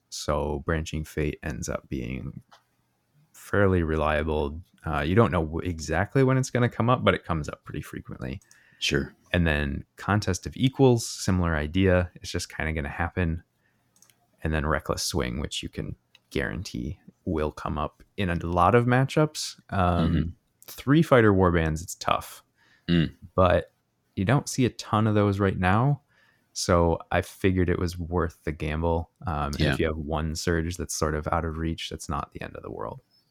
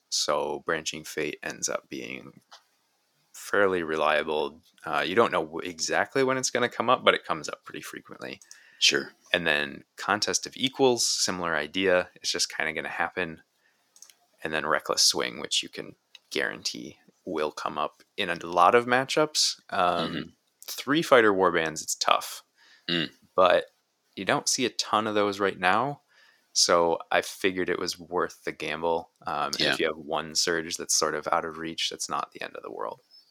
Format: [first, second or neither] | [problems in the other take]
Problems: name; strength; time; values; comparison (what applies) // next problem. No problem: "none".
first | thin; somewhat; fading below 400 Hz